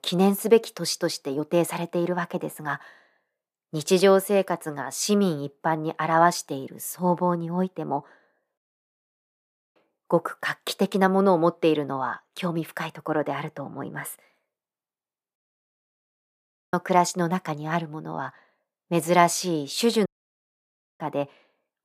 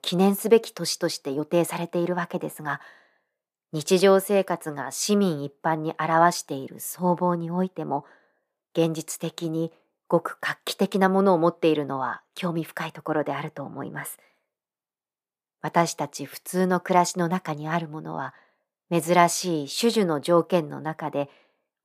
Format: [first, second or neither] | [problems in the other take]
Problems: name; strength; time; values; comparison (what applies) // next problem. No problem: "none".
second | audio cutting out; at 8.5 s for 1 s, at 15 s for 1.5 s and at 20 s for 1 s